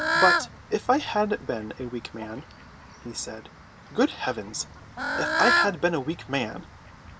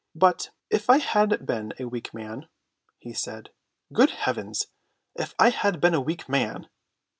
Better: second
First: background sound (Bird / Fowl); 2 dB below the speech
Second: none

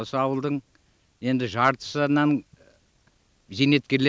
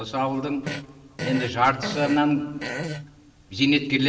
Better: first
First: none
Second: background sound (Fart); 10 dB below the speech // room echo; dies away in 2.1 s

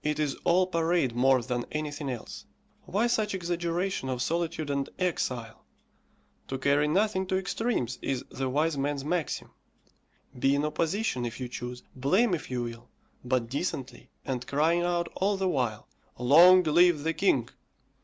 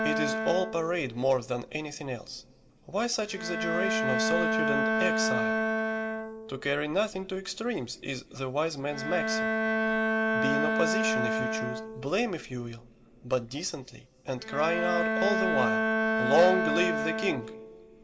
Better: first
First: none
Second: background sound (Bowed string instrument); 1 dB above the speech // room echo; dies away in 1.6 s

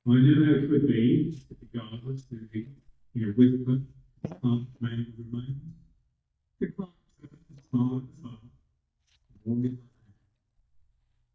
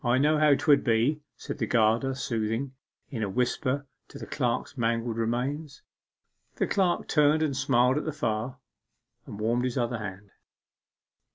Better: second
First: noise reduction (neural mask model DeepFilterNet 3)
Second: none

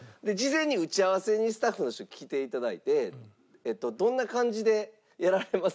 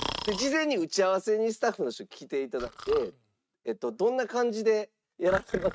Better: first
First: none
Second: noise reduction (neural mask model RNNoise)

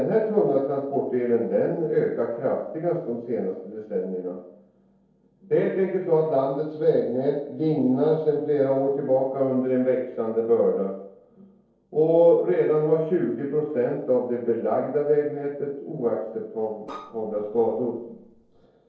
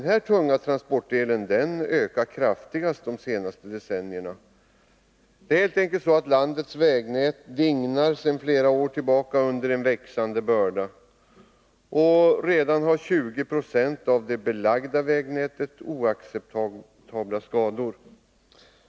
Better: second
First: noise reduction (neural separator model SepFormer DNS4)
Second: none

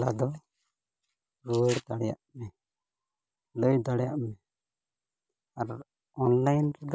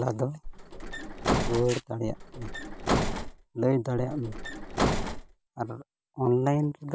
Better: first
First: none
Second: background sound (Bus); as loud as the speech

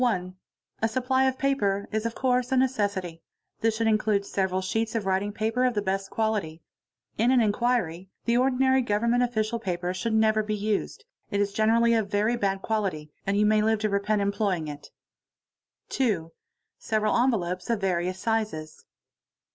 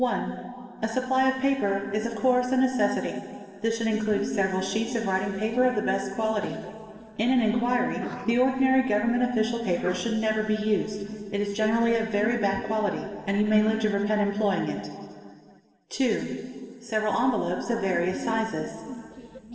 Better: first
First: none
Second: background sound (Sneeze); 16 dB below the speech // room echo; dies away in 2.2 s

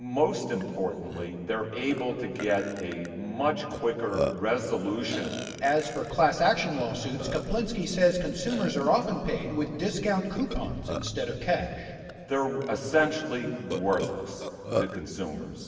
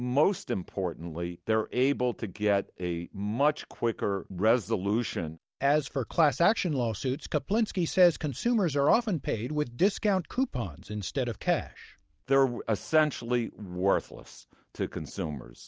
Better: second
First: background sound (Burping, eructation); 11 dB below the speech // room echo; dies away in 2.6 s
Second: none

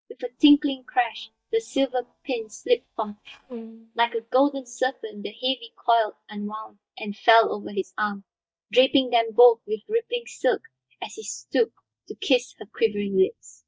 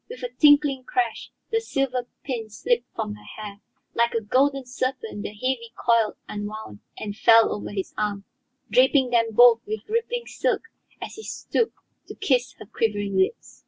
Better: second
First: noise reduction (neural mask model DeepFilterNet 3)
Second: none

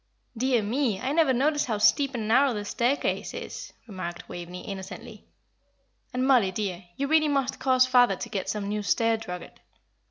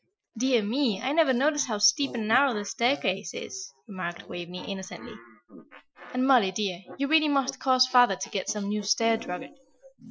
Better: first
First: none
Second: noise reduction (classical method Wiener filter)

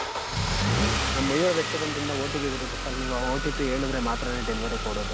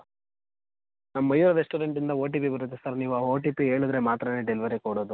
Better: second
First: background sound (Engine starting / Car); 2 dB above the speech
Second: none

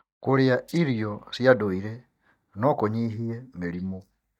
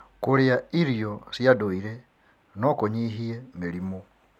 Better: second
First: noise reduction (neural mask model DeepFilterNet 3)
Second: none

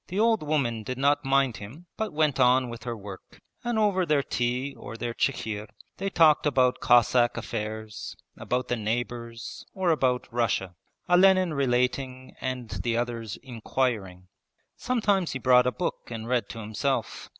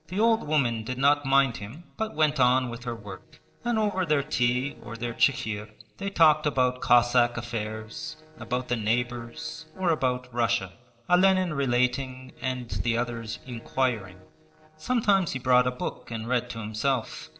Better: first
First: none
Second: noise reduction (neural separator model SepFormer DNS4)

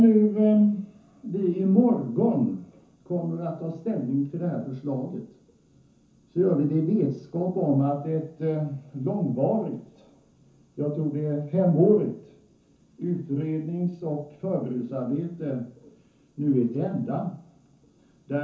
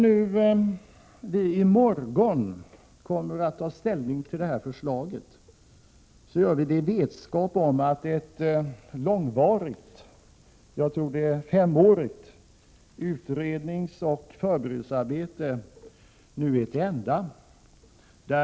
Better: second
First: room echo; dies away in 0.9 s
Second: none

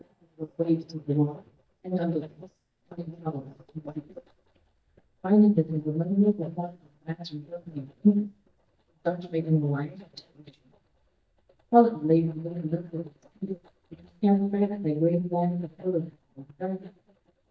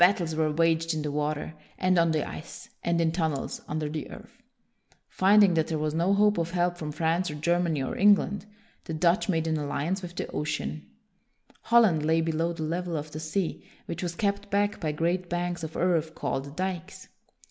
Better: second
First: noise reduction (neural mask model DeepFilterNet 3)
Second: none

